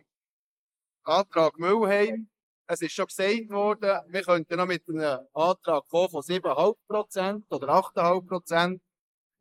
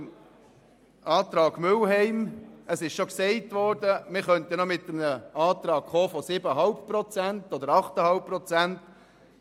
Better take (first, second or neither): second